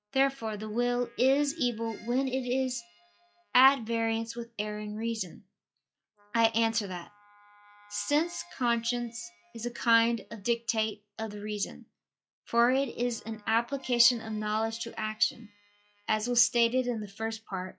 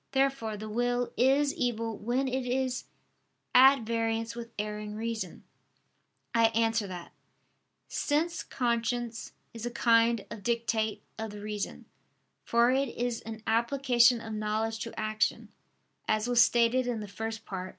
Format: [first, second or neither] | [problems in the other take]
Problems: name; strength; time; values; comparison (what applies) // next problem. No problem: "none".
second | noise reduction (classical method log-MMSE)